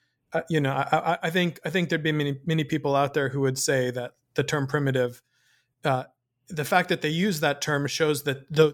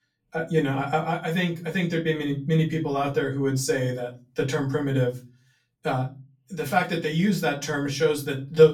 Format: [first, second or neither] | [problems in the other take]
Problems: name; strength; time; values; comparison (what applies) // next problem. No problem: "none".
first | off-mic speech; far // room echo; very slight; dies away in 0.3 s